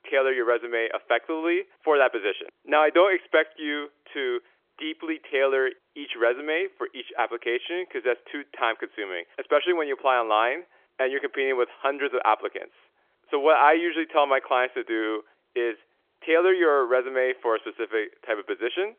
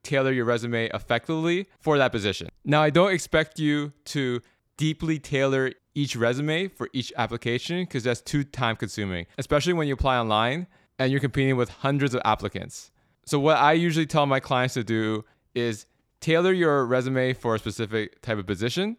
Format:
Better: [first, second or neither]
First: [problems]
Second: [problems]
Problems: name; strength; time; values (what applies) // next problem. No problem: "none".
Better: second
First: phone-call audio; nothing above 3.5 kHz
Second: none